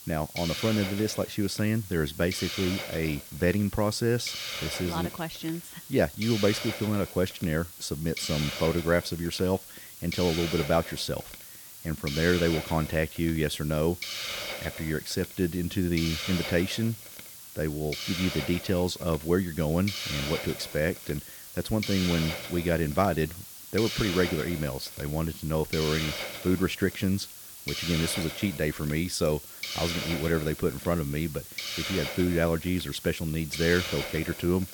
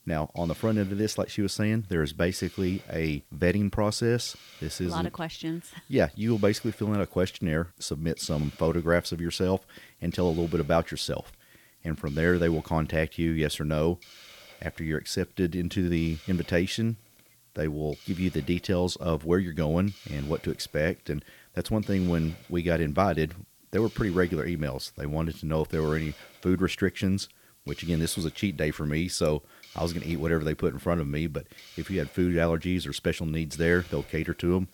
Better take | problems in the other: second | hiss; loud; throughout; 7 dB below the speech; faint in the second

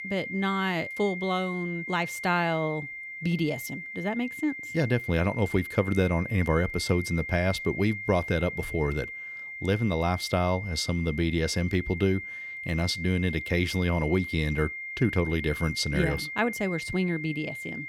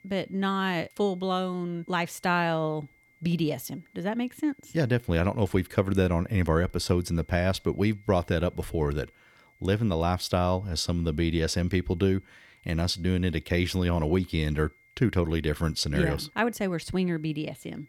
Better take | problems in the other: second | high-pitched whine; loud; throughout; 2 kHz, 7 dB below the speech; faint in the second

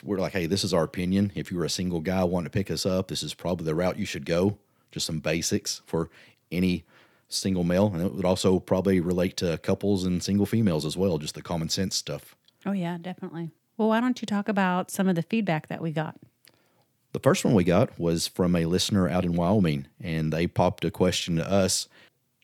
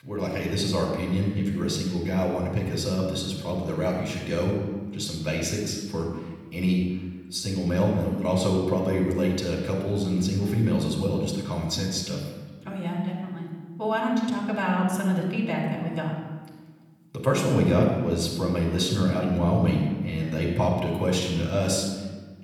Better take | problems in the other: first | off-mic speech; far // room echo; noticeable; dies away in 1.2 s

